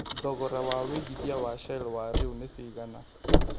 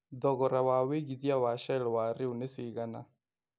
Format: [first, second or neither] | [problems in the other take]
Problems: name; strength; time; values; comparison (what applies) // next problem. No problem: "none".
second | background sound (Car); 4 dB above the speech